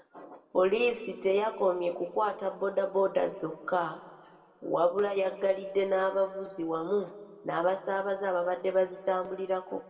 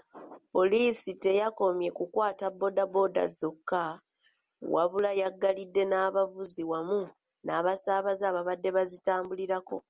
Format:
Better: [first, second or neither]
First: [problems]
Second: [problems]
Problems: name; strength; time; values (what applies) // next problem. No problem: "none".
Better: second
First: room echo; dies away in 1.6 s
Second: none